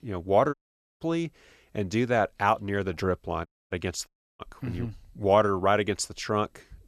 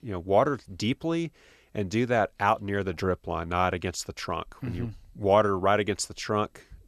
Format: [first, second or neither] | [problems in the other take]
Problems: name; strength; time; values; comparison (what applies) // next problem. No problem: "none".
second | audio cutting out; at 0.5 s, at 3.5 s and at 4 s